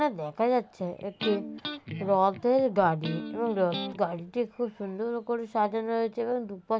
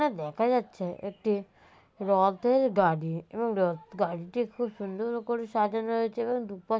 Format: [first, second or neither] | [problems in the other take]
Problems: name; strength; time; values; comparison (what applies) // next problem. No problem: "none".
second | background sound (Electric guitar); 10 dB below the speech